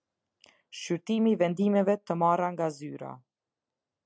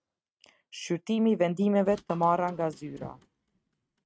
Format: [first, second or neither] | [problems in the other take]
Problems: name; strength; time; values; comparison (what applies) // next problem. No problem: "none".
first | noise reduction (neural mask model RNNoise)